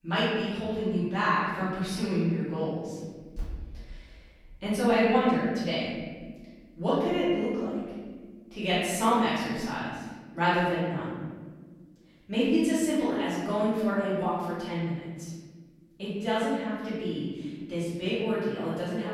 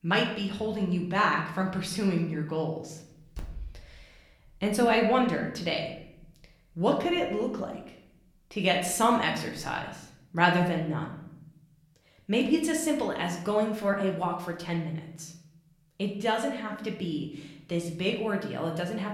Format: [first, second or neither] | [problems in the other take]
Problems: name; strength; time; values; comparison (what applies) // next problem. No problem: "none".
second | room echo; strong; dies away in 1.6 s; slight in the second // off-mic speech; far; somewhat distant in the second